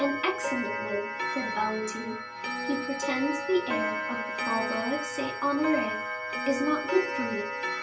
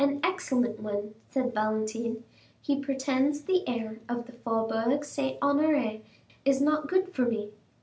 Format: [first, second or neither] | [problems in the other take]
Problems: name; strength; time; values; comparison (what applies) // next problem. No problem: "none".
second | background sound (Clock); 1 dB below the speech // room echo; dies away in 0.2 s